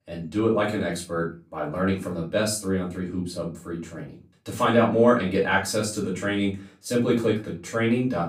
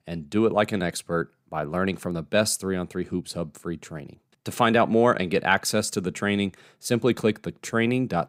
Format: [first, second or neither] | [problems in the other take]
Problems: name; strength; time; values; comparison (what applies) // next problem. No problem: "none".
second | off-mic speech; far // room echo; slight; dies away in 0.3 s